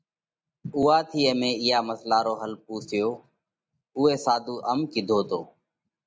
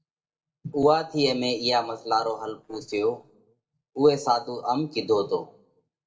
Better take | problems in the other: first | noise reduction (neural separator model SepFormer DNS4)

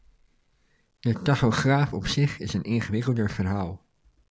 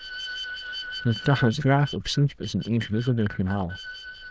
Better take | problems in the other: first | noise reduction (neural diffusion model UNIVERSE++)

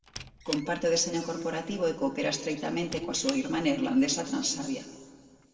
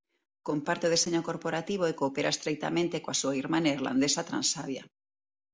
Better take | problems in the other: second | background sound (Squeak); 17 dB below the speech // room echo; dies away in 1.8 s

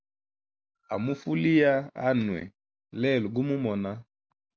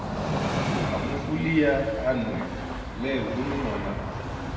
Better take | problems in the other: first | background sound (Train); 2 dB below the speech // room echo; dies away in 1.3 s

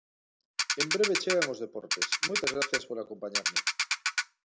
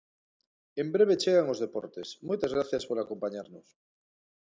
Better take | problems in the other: second | background sound (Ratchet, pawl); 4 dB above the speech

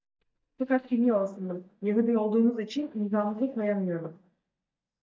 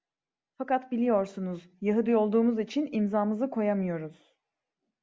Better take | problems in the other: second | noise reduction (neural mask model DeepFilterNet 3)

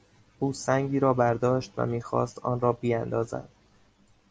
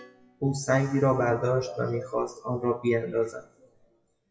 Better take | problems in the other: first | noise reduction (classical method WPE with log-MMSE)

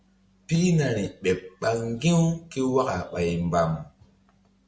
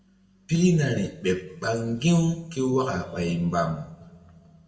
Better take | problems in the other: first | room echo; dies away in 1 s

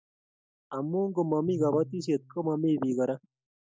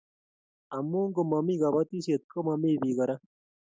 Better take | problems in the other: second | background sound (Piano); 16 dB below the speech

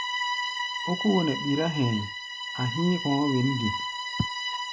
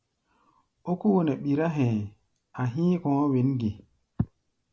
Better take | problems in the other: second | background sound (Bowed string instrument); 4 dB below the speech

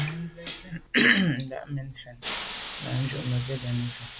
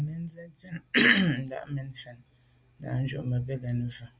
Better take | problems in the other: second | background sound (Hiss); 12 dB below the speech

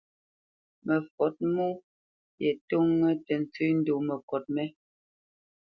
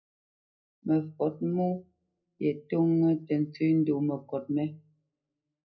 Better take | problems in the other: first | room echo; dies away in 0.4 s

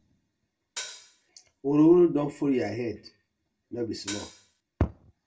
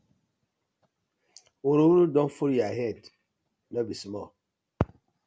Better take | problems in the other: second | background sound (Hi-hat); 13 dB below the speech // room echo; dies away in 0.2 s

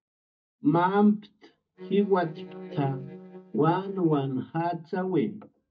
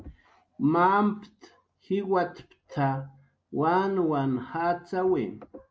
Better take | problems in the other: second | noise reduction (neural mask model DeepFilterNet 3)

